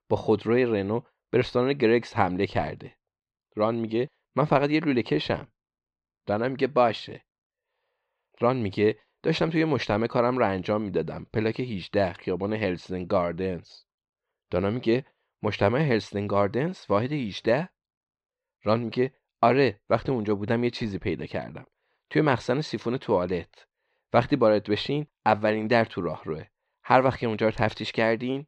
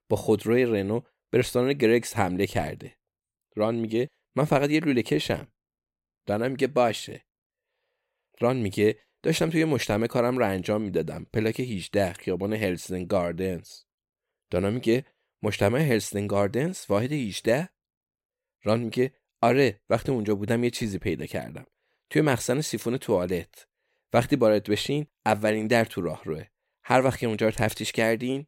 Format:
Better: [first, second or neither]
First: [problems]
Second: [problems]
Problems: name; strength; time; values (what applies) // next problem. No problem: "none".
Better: second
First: muffled; very slightly; fading above 4.5 kHz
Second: none